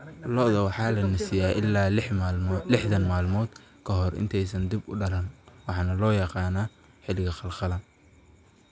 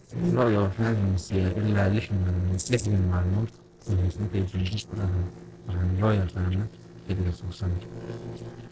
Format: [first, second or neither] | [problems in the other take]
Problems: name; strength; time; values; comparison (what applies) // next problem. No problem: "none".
first | noise reduction (neural separator model SepFormer DNS4)